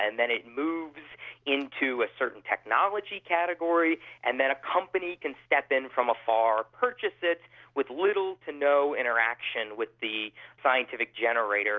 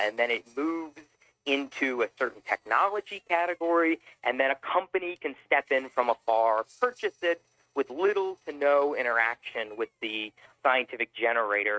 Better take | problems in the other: first | noise reduction (neural mask model RNNoise)

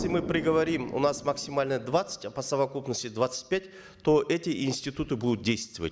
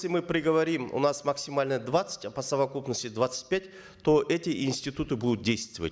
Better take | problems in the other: second | background sound (Explosion); 14 dB below the speech

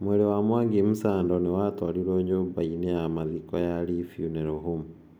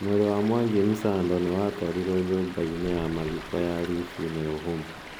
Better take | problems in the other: first | background sound (Stream); 14 dB below the speech

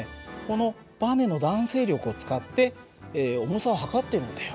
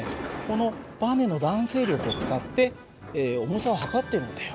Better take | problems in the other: first | background sound (Sliding door); 10 dB below the speech

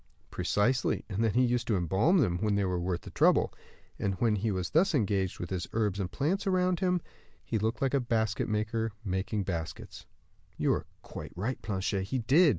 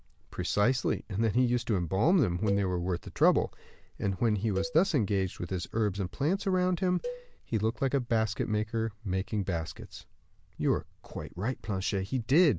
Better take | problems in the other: first | background sound (Cowbell); 16 dB below the speech

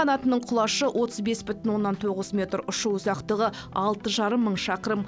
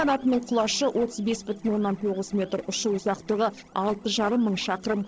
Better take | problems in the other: first | noise reduction (neural separator model SepFormer DNS4)

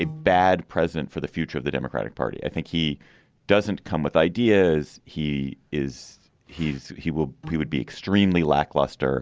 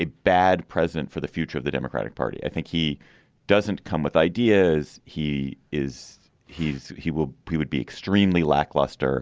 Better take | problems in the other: second | background sound (Piano); 16 dB below the speech

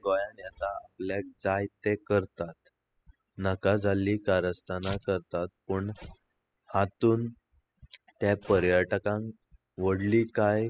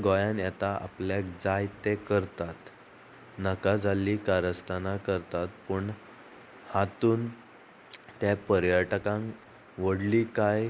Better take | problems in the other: second | noise reduction (classical method spectral subtraction)

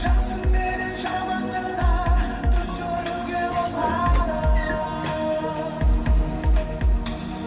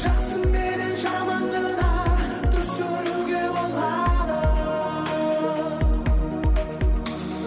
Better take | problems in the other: second | background sound (Sliding door / Train); 15 dB below the speech // room echo; dies away in 2.1 s

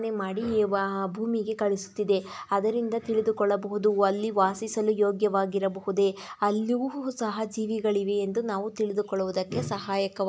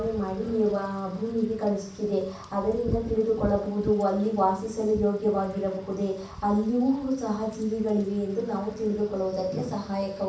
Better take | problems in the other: first | background sound (Wind / Rain); 14 dB below the speech // room echo; dies away in 0.7 s

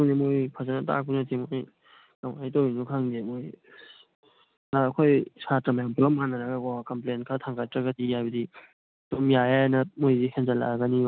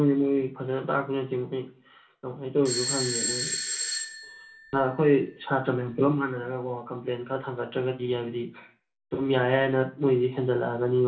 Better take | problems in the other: first | background sound (Bell / Doorbell); 5 dB below the speech // room echo; dies away in 0.4 s

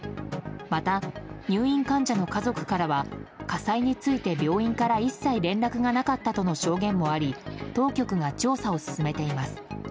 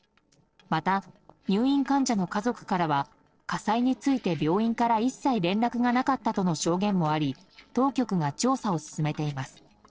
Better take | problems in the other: first | noise reduction (neural separator model SepFormer DNS4)

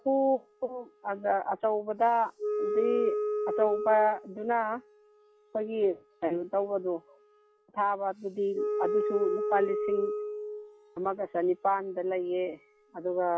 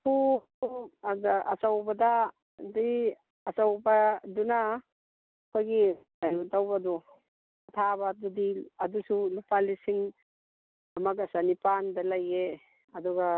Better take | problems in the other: second | noise reduction (classical method log-MMSE)

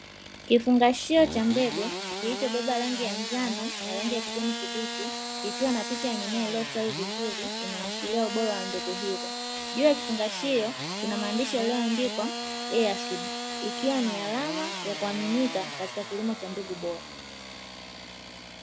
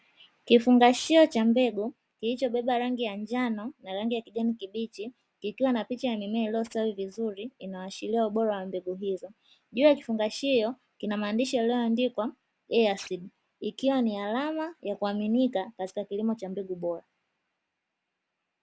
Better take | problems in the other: second | background sound (Engine starting / Sawing); 5 dB below the speech

